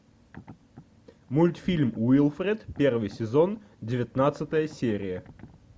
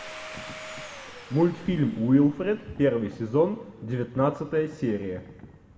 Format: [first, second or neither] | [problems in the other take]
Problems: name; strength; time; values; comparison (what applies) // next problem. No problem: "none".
first | background sound (Domestic sounds, home sounds); 19 dB below the speech // room echo; dies away in 1.3 s